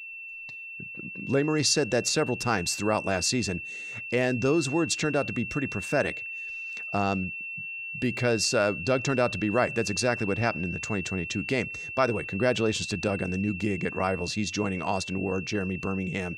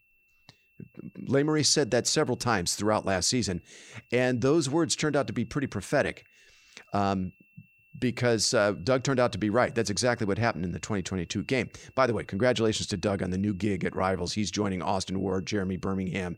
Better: second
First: high-pitched whine; loud; throughout; 2.5 kHz, 7 dB below the speech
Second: high-pitched whine; faint; throughout; 2.5 kHz, 35 dB below the speech

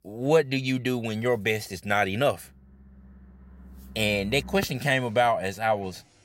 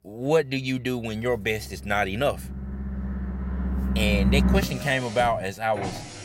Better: first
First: traffic noise; faint; throughout; 25 dB below the speech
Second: traffic noise; loud; throughout; 3 dB below the speech

